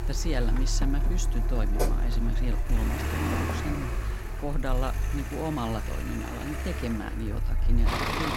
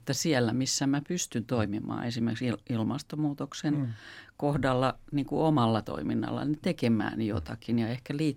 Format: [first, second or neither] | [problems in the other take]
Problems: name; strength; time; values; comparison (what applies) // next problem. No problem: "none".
second | traffic noise; very loud; throughout; 4 dB above the speech